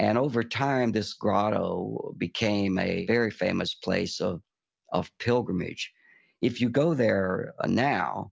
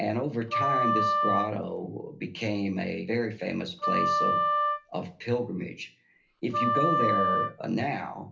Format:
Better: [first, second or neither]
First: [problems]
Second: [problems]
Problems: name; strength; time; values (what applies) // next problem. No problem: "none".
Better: first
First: none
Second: background sound (Wind instrument, woodwind instrument); 3 dB above the speech // room echo; dies away in 0.3 s